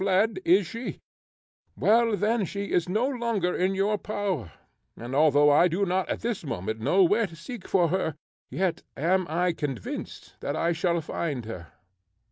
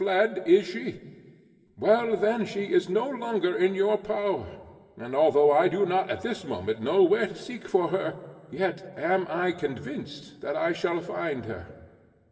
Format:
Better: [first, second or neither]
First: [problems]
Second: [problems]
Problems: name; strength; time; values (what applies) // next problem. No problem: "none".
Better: first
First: none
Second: room echo; dies away in 1.5 s